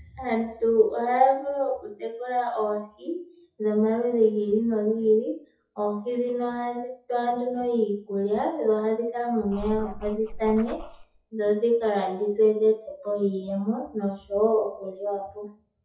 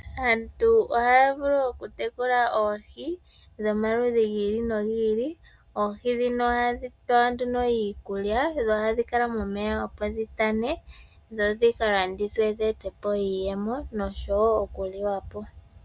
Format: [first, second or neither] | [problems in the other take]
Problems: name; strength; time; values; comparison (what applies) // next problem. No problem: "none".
second | noise reduction (classical method WPE with log-MMSE)